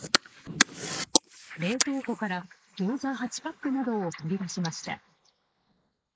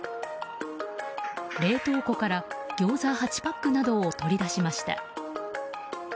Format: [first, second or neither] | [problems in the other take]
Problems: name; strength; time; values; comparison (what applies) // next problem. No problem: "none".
second | noise reduction (neural mask model Resemble Enhance denoiser)